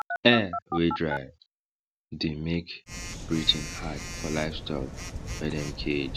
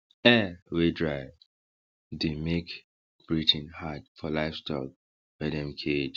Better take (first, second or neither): second